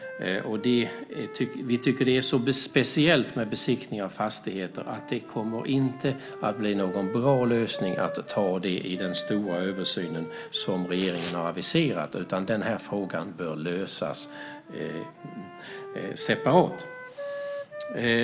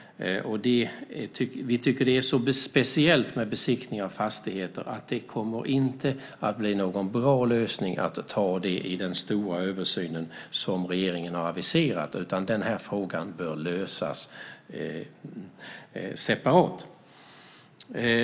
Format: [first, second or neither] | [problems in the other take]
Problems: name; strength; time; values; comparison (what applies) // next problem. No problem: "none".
second | background sound (Tearing + Wind instrument, woodwind instrument); 13 dB below the speech